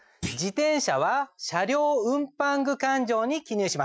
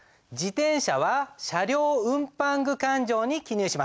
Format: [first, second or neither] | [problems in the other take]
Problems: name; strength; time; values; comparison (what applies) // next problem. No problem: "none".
second | noise reduction (classical method Wiener filter)